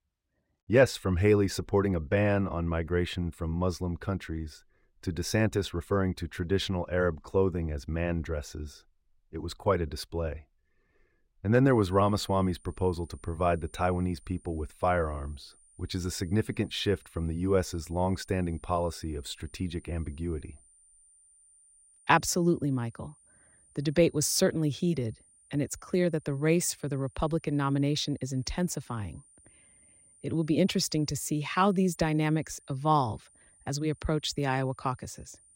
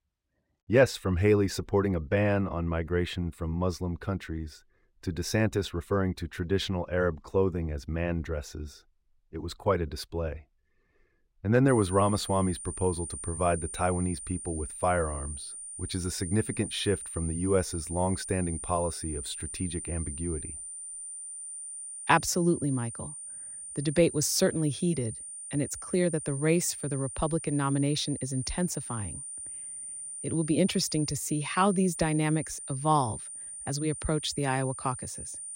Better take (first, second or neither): first